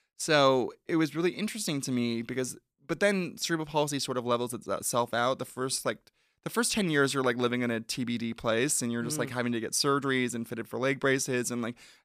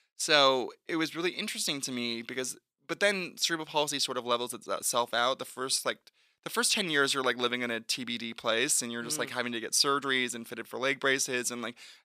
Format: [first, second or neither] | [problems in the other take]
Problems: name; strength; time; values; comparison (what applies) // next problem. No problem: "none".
first | thin; very slightly; fading below 1 kHz